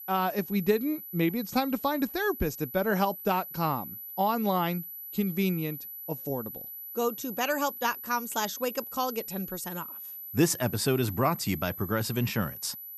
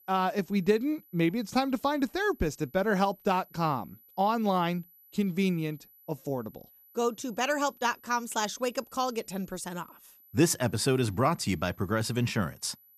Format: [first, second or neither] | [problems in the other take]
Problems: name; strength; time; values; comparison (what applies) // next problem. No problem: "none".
second | high-pitched whine; loud; throughout; 12 kHz, 9 dB below the speech; faint in the second